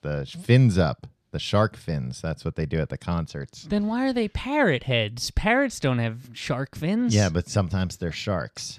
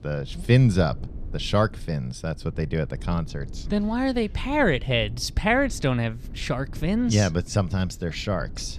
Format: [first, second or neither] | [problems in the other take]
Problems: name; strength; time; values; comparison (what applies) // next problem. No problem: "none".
first | low rumble; faint; throughout; 25 dB below the speech